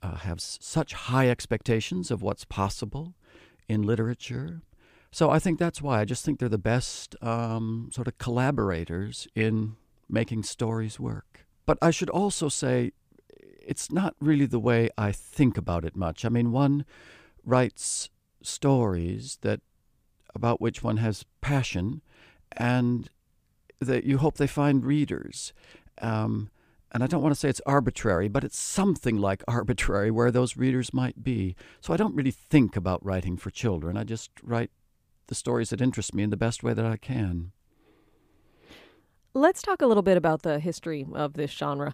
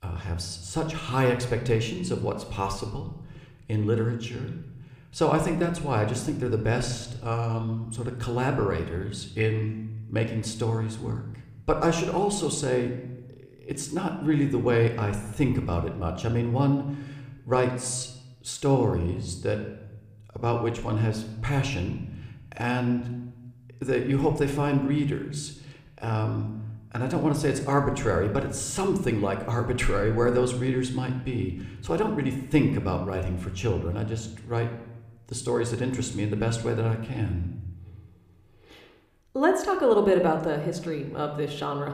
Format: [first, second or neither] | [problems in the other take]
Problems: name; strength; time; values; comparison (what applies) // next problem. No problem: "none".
first | room echo; slight; dies away in 0.8 s